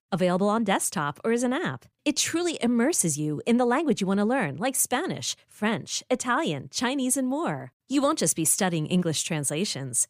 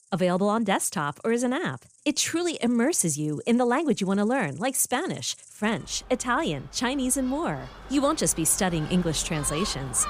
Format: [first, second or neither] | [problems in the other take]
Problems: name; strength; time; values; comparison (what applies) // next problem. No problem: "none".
first | animal sounds; noticeable; throughout; 20 dB below the speech